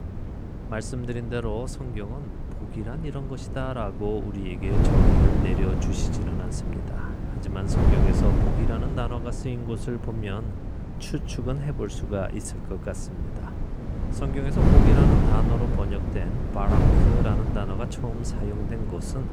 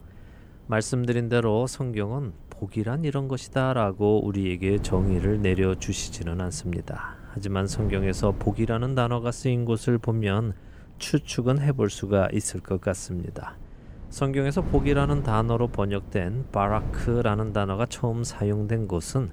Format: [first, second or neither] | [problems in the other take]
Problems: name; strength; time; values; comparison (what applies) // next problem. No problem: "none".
second | wind noise on the microphone; heavy; 1 dB above the speech; occasional gusts in the second